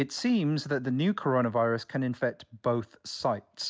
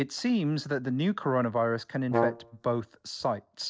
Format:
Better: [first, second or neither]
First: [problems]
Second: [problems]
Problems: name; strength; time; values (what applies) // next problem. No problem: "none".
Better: first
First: none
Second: noise reduction (neural separator model SepFormer DNS4)